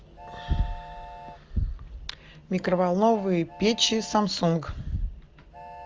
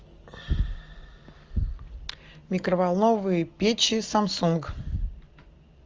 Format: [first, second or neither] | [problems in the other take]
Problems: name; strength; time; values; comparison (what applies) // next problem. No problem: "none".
second | background sound (Train); 19 dB below the speech